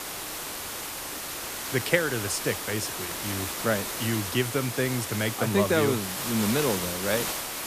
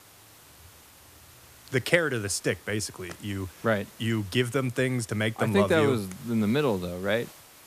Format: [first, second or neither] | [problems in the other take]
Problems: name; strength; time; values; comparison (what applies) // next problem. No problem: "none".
second | hiss; loud; throughout; 3 dB below the speech; faint in the second